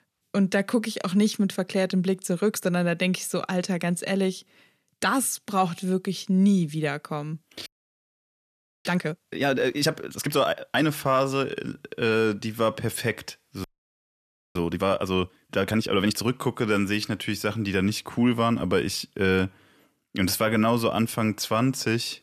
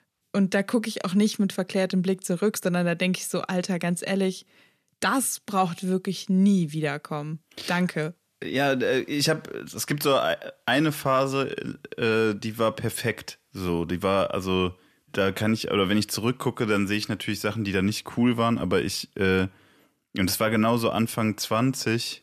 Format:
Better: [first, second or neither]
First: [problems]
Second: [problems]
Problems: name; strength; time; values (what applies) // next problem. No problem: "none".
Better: second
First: audio freezing; at 7.5 s for 1 s and at 14 s for 1 s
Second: none